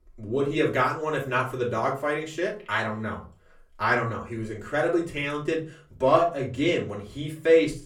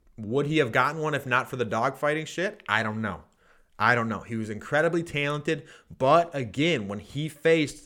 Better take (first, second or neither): second